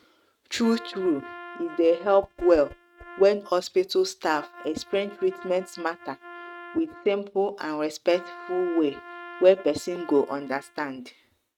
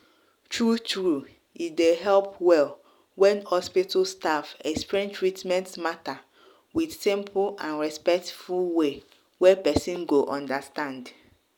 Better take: second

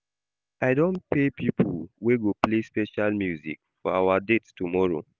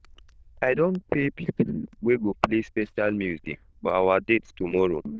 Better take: first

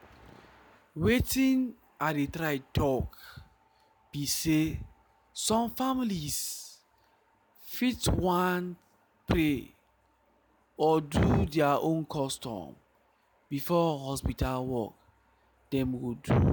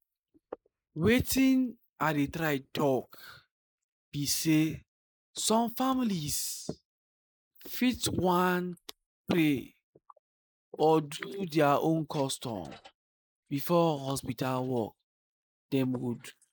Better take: first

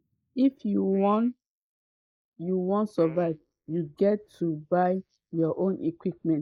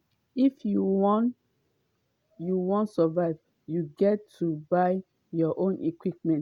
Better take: second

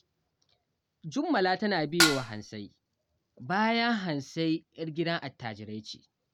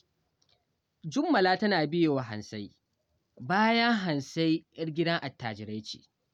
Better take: second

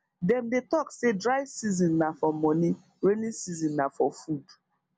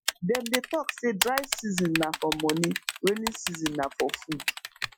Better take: first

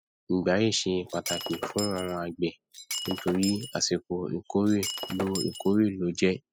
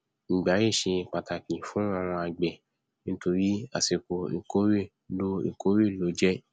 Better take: second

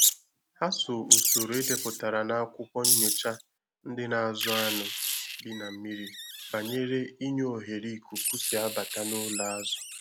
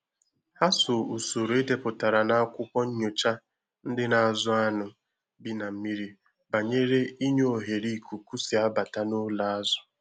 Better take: second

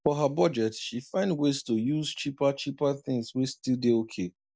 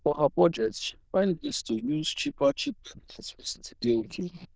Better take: first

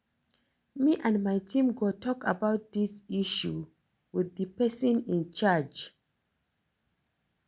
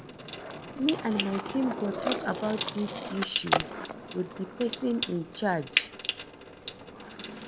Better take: first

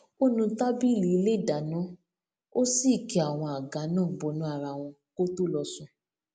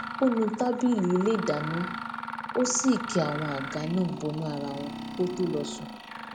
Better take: first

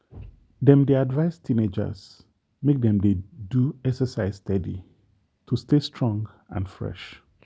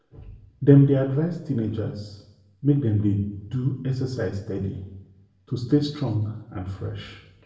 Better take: first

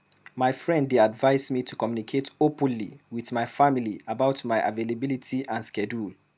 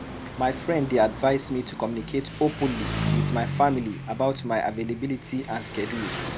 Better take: first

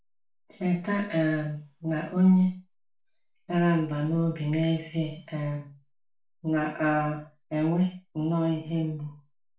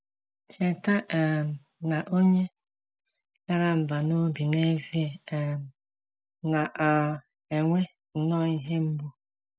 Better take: second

